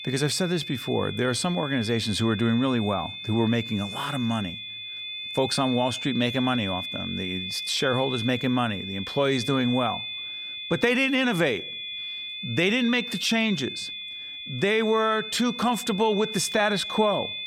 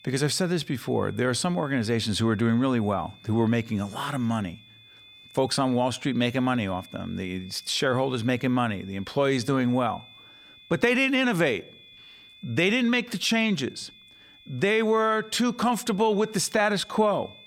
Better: second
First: high-pitched whine; loud; throughout; 3.5 kHz, 7 dB below the speech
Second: high-pitched whine; faint; throughout; 3.5 kHz, 25 dB below the speech

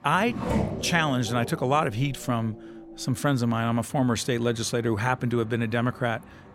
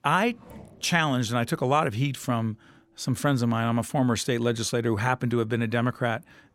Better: second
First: traffic noise; loud; throughout; 9 dB below the speech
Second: traffic noise; faint; throughout; 30 dB below the speech

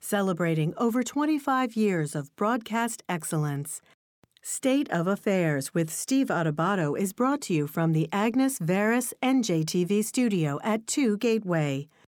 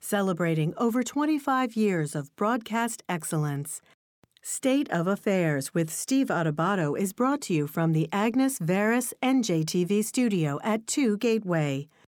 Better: neither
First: none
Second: none

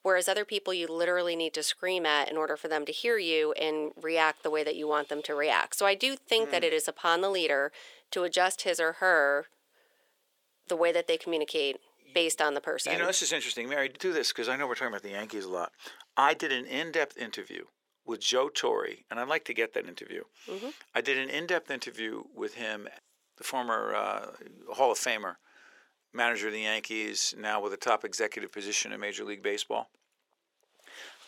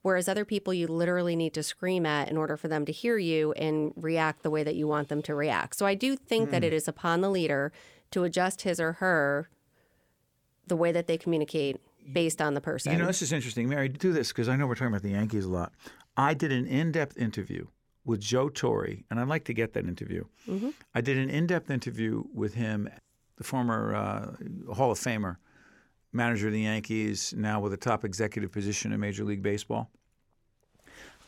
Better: second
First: thin; very; fading below 450 Hz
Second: none

